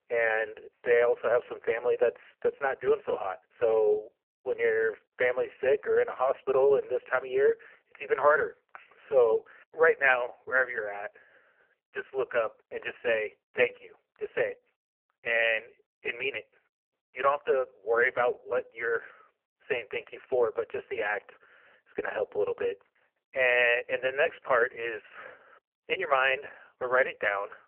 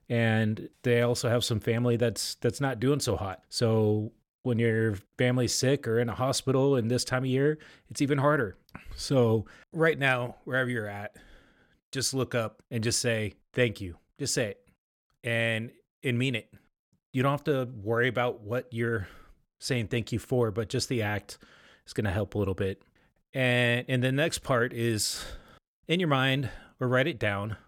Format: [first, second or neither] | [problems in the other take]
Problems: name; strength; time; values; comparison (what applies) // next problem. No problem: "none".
second | phone-call audio; poor line; nothing above 3 kHz